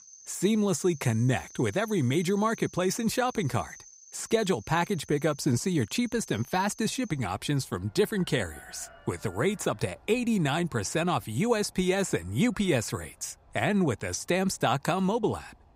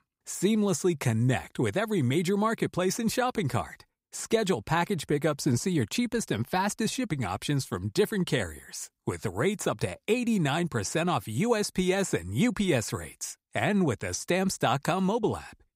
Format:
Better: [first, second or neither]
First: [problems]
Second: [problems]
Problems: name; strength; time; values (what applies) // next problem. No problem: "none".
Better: second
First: animal sounds; faint; throughout; 20 dB below the speech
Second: none